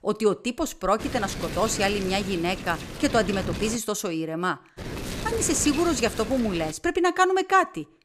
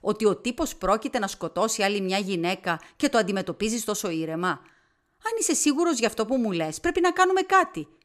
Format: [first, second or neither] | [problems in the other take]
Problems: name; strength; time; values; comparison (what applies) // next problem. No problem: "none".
second | wind noise on the microphone; occasional gusts; from 1 to 4 s and from 5 to 6.5 s; 10 dB below the speech